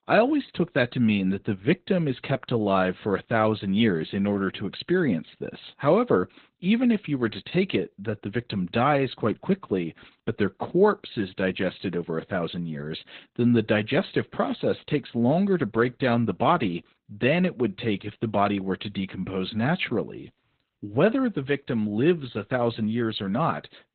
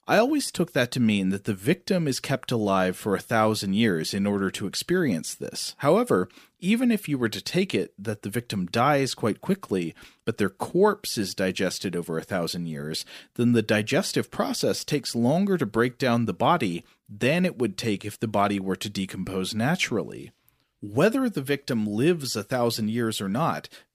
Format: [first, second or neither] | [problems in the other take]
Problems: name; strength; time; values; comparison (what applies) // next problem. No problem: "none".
second | garbled, watery; badly; nothing above 4 kHz